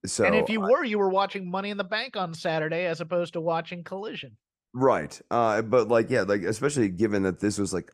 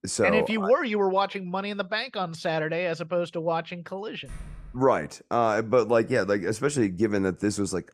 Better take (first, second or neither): first